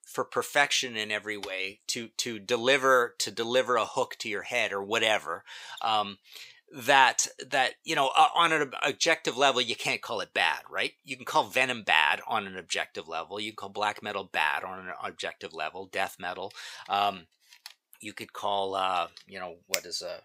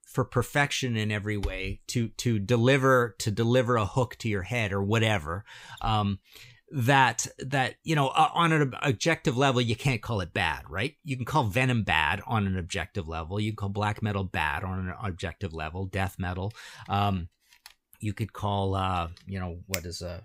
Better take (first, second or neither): second